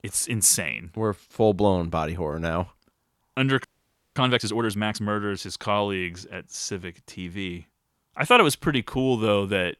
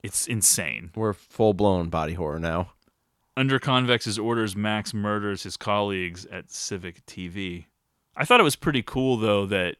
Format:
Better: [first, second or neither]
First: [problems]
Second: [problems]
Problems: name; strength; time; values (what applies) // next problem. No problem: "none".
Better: second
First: audio freezing; at 3.5 s for 0.5 s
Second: none